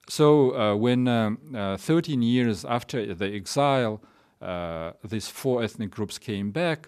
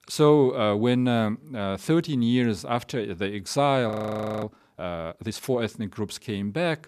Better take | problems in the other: first | audio freezing; at 4 s for 0.5 s

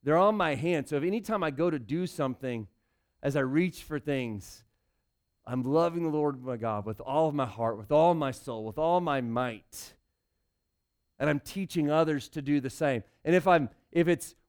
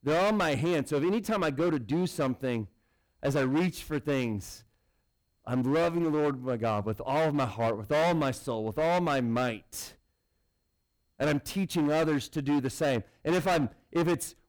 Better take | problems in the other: first | distortion; heavy; 14% of the sound clipped

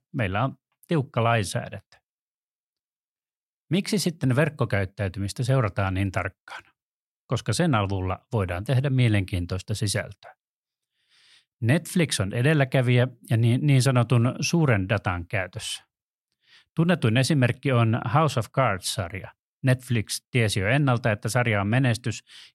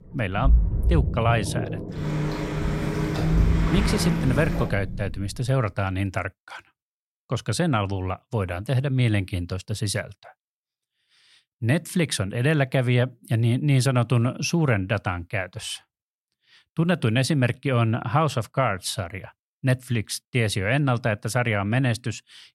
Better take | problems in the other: first | rain or running water; loud; until 5.5 s; 1 dB below the speech

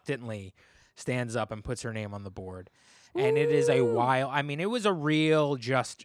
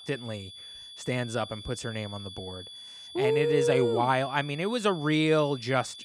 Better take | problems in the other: first | high-pitched whine; noticeable; throughout; 3.5 kHz, 15 dB below the speech

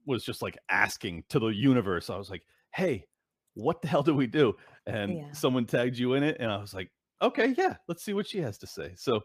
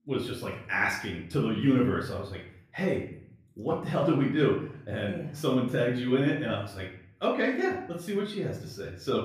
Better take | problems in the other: first | off-mic speech; far // room echo; noticeable; dies away in 0.6 s

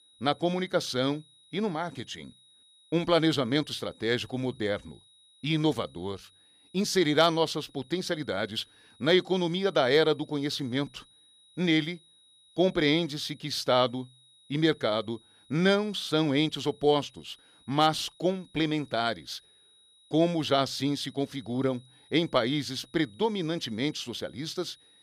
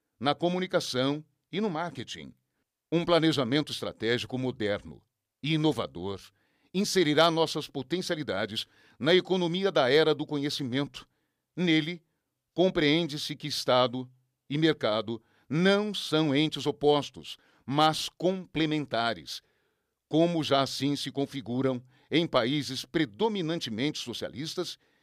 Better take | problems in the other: second | high-pitched whine; faint; throughout; 4 kHz, 30 dB below the speech

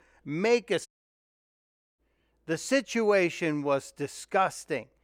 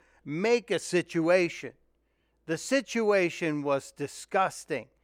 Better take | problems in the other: second | audio cutting out; at 1 s for 1 s

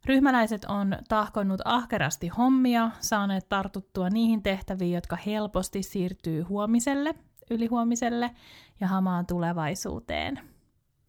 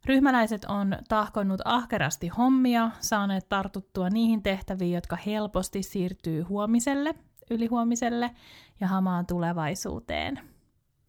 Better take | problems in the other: neither | none

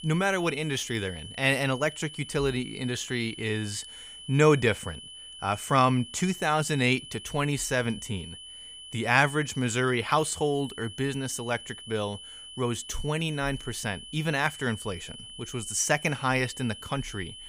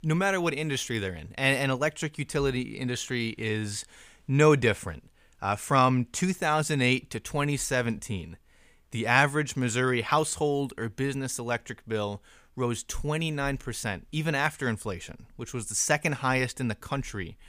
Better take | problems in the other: second | high-pitched whine; noticeable; throughout; 3 kHz, 15 dB below the speech

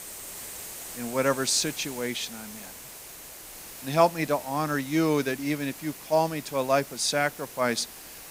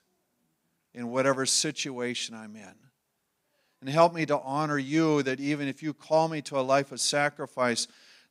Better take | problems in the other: second | hiss; noticeable; throughout; 15 dB below the speech

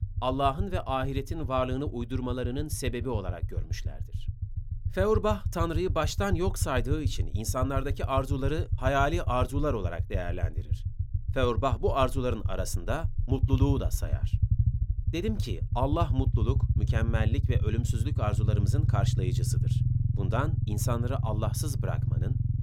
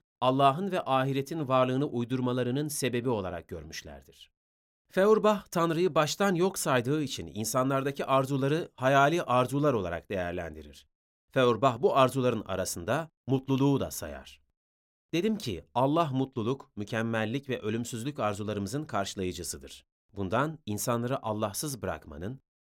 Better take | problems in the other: second | low rumble; noticeable; throughout; 15 dB below the speech

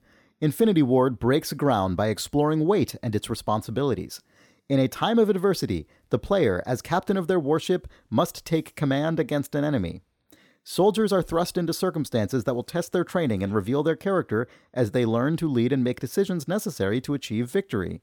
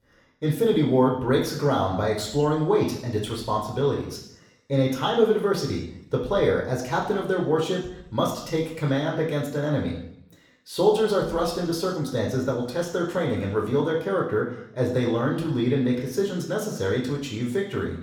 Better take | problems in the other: first | room echo; noticeable; dies away in 0.7 s // off-mic speech; somewhat distant

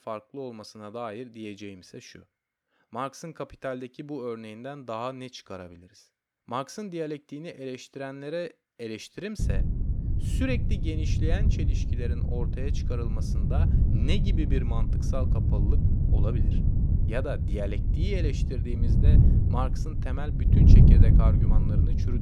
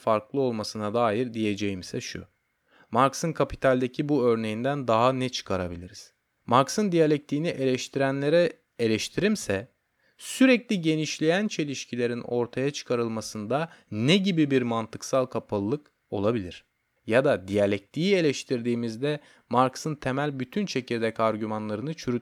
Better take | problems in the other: second | wind noise on the microphone; heavy; from 9.5 s on; 1 dB below the speech

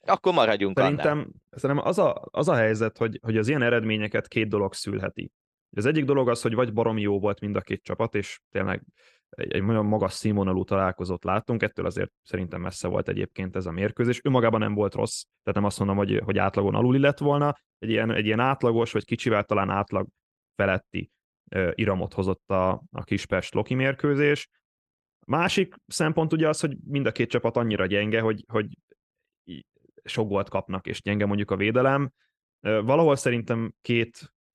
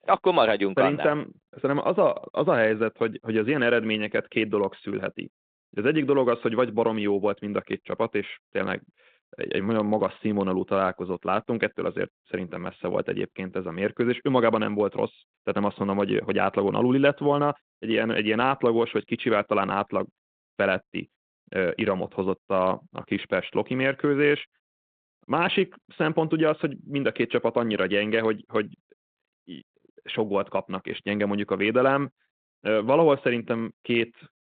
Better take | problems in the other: first | phone-call audio

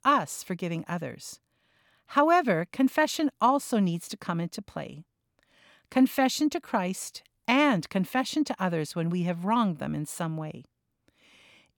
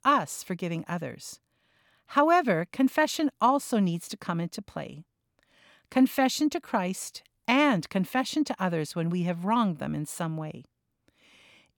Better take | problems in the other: neither | none

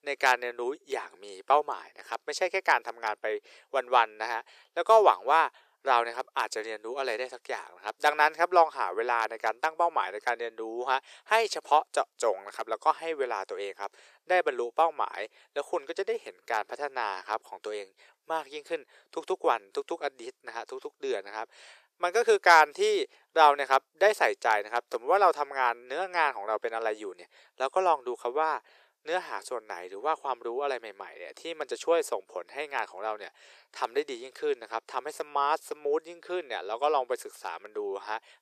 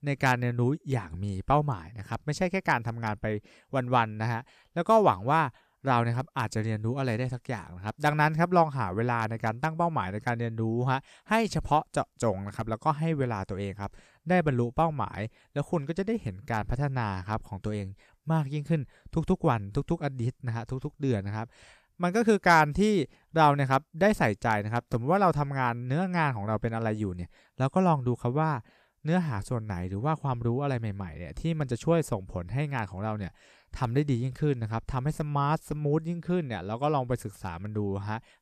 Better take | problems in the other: second | thin; very; fading below 400 Hz

